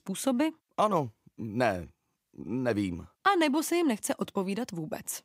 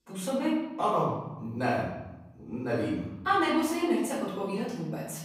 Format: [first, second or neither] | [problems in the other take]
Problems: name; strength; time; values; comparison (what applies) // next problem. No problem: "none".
first | off-mic speech; far // room echo; noticeable; dies away in 1 s